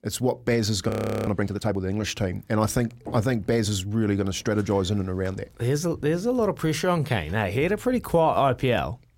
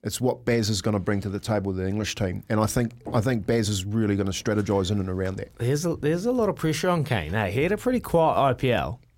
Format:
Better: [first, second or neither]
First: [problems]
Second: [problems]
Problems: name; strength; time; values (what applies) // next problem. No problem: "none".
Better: second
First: audio freezing; at 1 s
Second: none